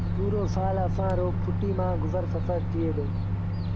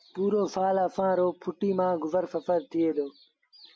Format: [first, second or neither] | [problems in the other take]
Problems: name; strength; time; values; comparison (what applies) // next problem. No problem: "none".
second | background sound (Microwave oven); 4 dB above the speech